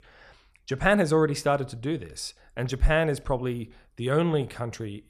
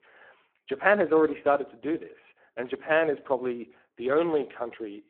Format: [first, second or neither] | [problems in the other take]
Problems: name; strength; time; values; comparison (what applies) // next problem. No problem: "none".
first | phone-call audio; poor line